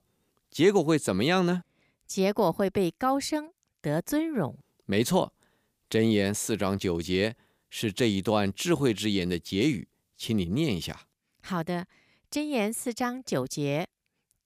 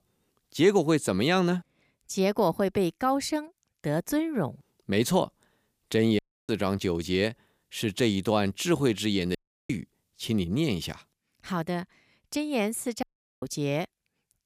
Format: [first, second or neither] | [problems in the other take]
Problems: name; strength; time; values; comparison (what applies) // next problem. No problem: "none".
first | audio cutting out; at 6 s, at 9.5 s and at 13 s